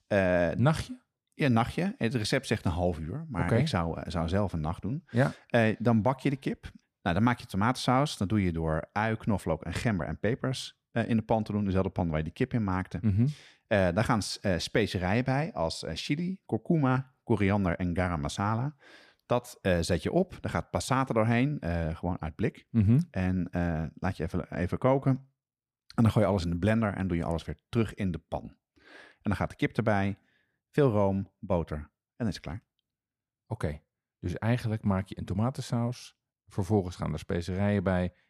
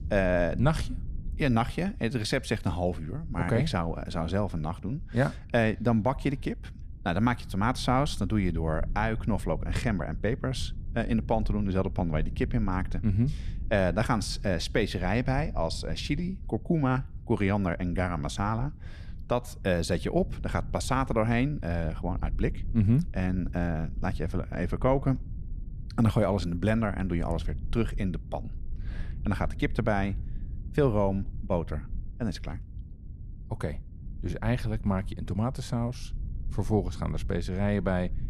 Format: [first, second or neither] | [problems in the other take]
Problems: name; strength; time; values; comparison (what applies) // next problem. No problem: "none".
first | low rumble; faint; throughout; 25 dB below the speech